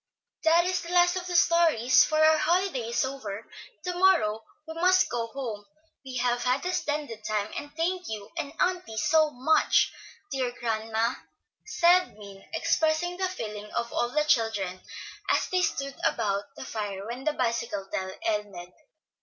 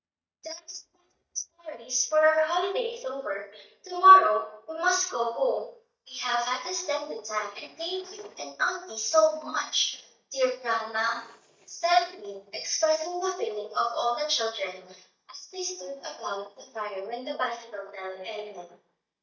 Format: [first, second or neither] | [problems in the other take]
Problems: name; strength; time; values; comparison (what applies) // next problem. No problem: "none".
first | noise reduction (neural mask model DeepFilterNet 3)